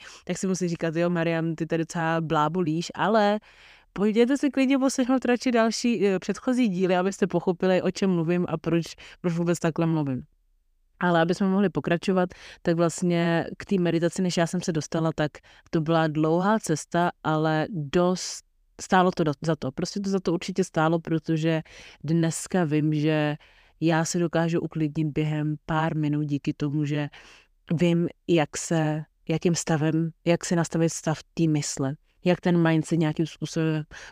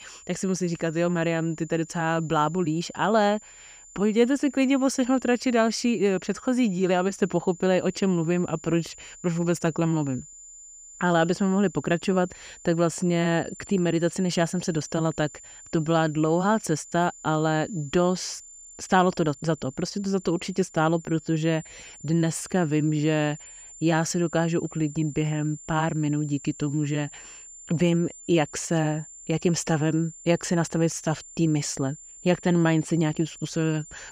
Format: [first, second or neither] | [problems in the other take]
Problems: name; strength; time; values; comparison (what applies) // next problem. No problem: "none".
first | high-pitched whine; noticeable; throughout; 7 kHz, 20 dB below the speech